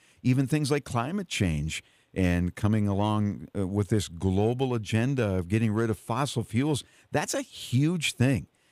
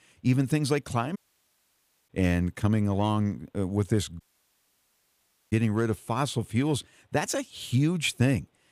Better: first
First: none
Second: audio cutting out; at 1 s for 1 s and at 4 s for 1.5 s

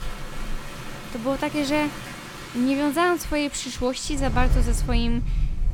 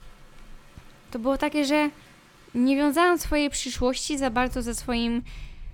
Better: second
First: rain or running water; loud; throughout; 6 dB below the speech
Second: rain or running water; faint; throughout; 25 dB below the speech

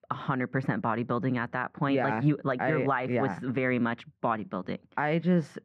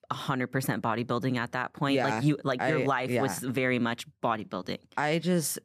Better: second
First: muffled; very; fading above 2 kHz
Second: none

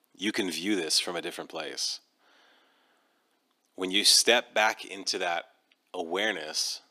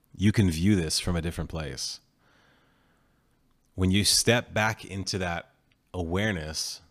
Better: second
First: thin; somewhat; fading below 300 Hz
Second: none

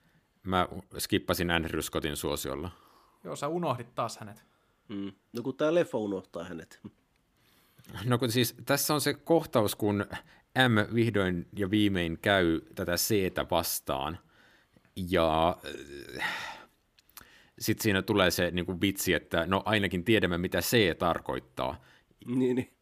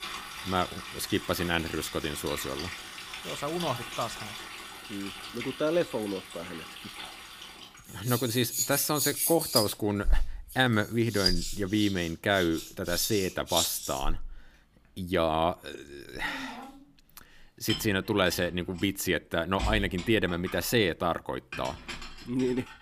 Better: first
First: none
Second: household noises; loud; throughout; 5 dB below the speech

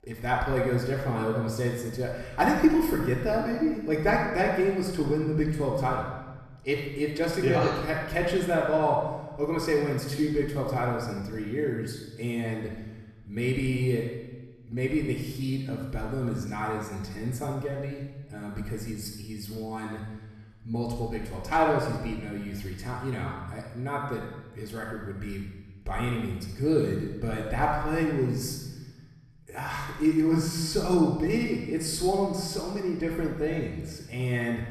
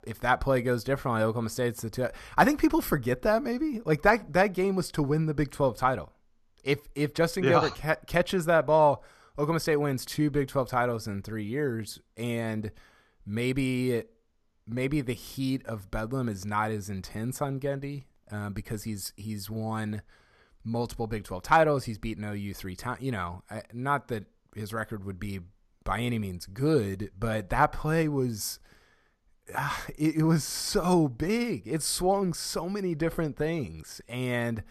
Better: second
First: off-mic speech; far // room echo; noticeable; dies away in 1.1 s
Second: none

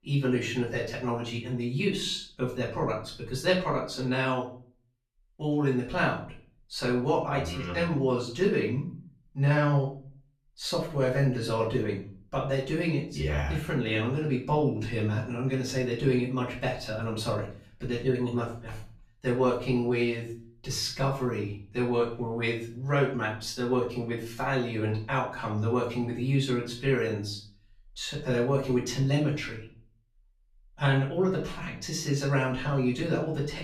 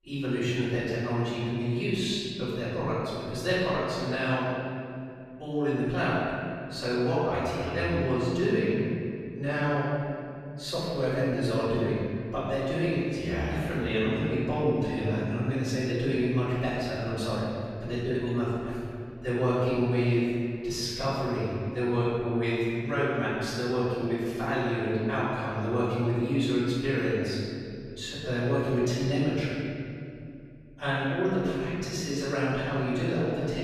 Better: first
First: room echo; slight; dies away in 0.4 s // off-mic speech; far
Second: room echo; strong; dies away in 2.4 s // off-mic speech; far

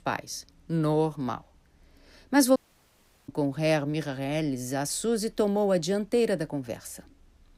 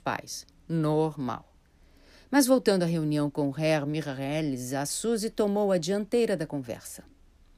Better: second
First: audio cutting out; at 2.5 s for 0.5 s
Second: none

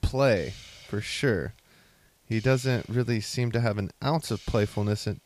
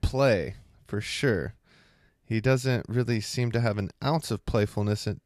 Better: second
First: hiss; faint; throughout; 20 dB below the speech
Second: none

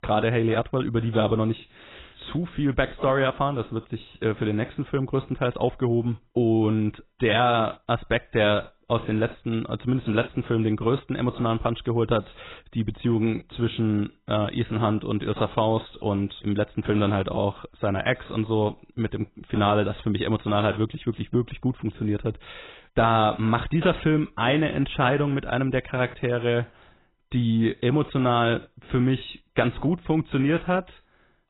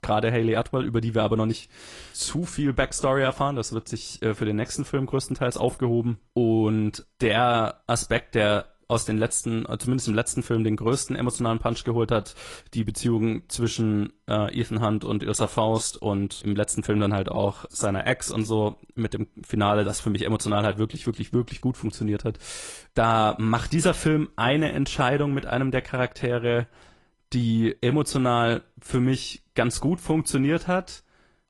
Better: second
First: garbled, watery; badly; nothing above 4 kHz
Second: garbled, watery; slightly; nothing above 10.5 kHz

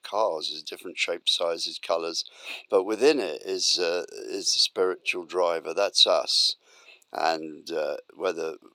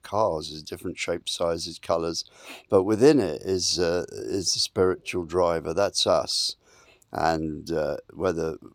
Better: second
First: thin; somewhat; fading below 450 Hz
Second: none

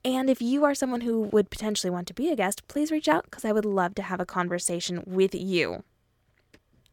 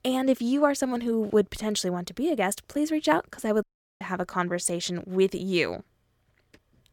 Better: first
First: none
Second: audio cutting out; at 3.5 s

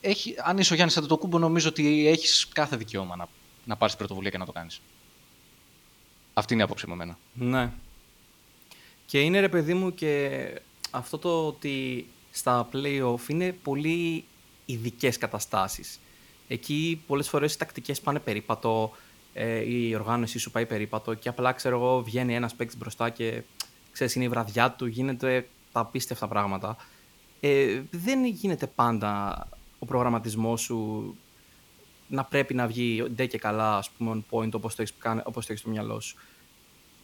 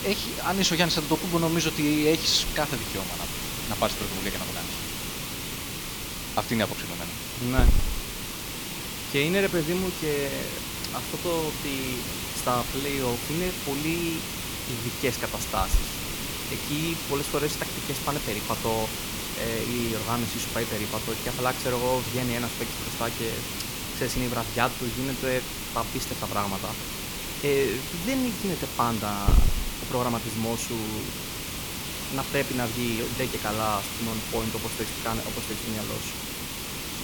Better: first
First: hiss; faint; throughout; 25 dB below the speech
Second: hiss; loud; throughout; 2 dB below the speech

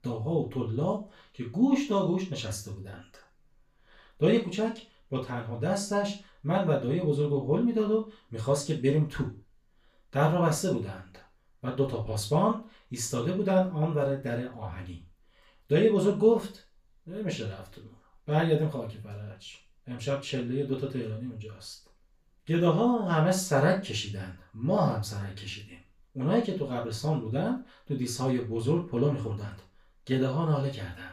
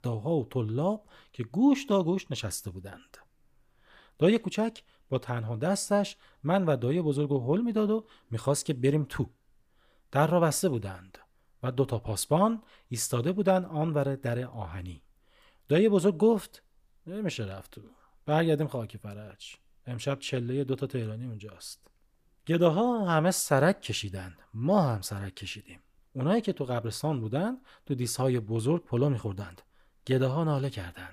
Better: second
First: room echo; slight; dies away in 0.3 s // off-mic speech; far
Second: none

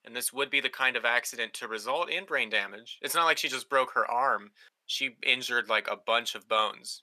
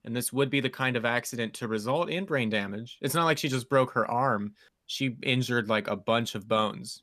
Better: second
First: thin; very; fading below 600 Hz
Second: none

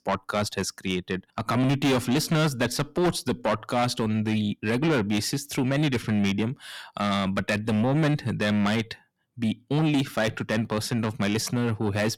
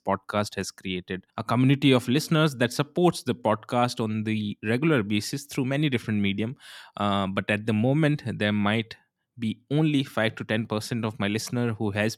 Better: second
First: distortion; heavy; 7 dB below the speech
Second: none

